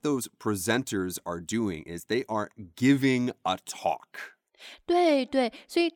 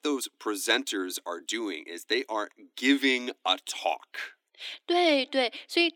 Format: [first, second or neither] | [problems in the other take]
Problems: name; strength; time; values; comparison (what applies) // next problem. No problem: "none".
first | thin; very slightly; fading below 300 Hz